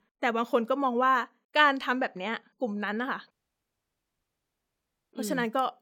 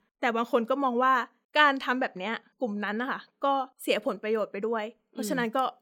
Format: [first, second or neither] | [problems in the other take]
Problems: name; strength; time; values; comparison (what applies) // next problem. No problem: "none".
second | audio cutting out; at 3.5 s for 2 s